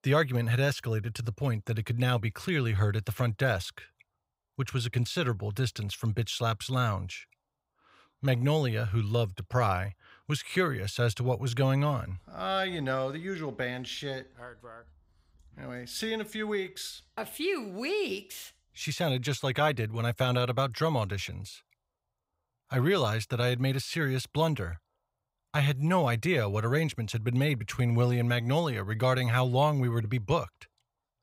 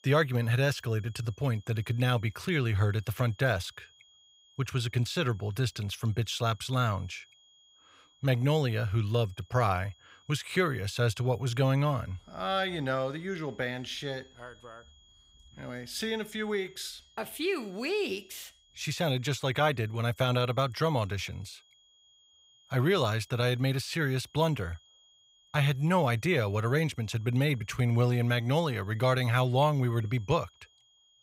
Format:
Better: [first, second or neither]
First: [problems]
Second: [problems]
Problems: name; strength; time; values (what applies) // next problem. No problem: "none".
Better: first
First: none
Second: high-pitched whine; faint; throughout; 3.5 kHz, 30 dB below the speech